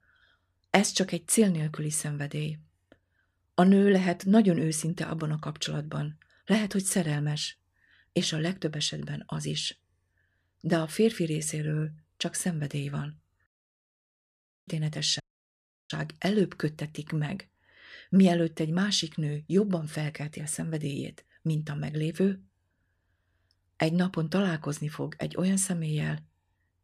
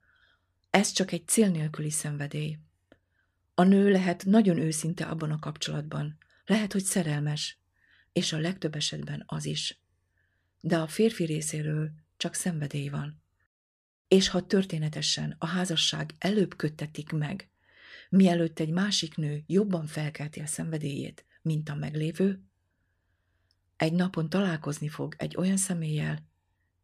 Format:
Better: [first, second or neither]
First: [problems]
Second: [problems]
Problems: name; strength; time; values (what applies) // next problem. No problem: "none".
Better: second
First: audio cutting out; at 14 s for 0.5 s and at 15 s for 0.5 s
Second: none